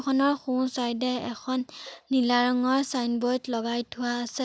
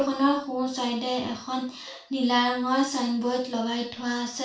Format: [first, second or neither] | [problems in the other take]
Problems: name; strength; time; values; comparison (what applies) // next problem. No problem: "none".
first | room echo; dies away in 0.3 s